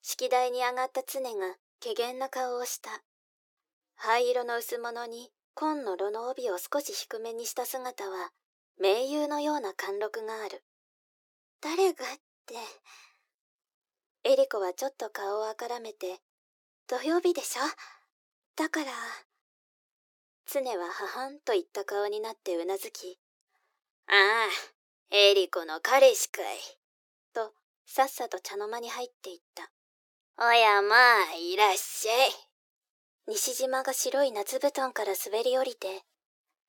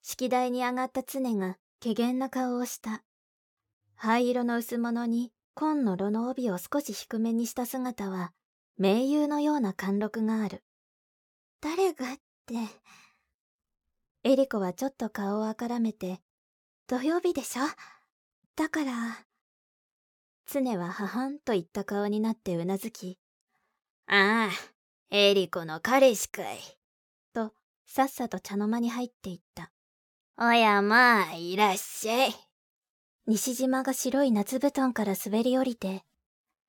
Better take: second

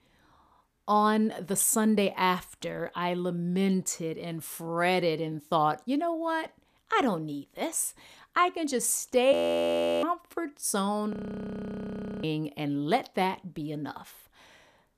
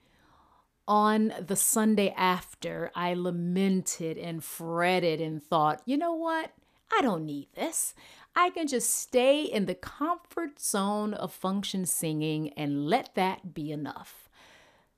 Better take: second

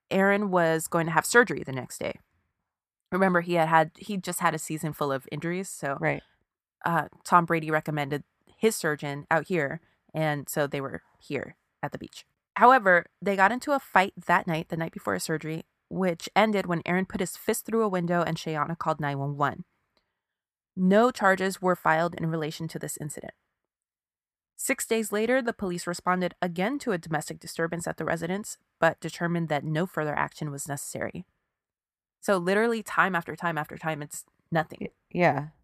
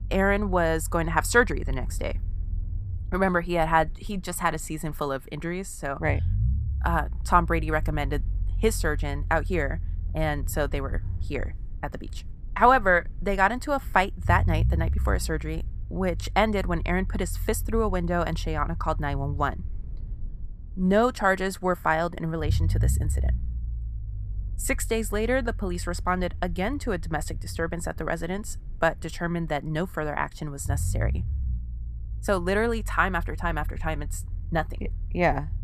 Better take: first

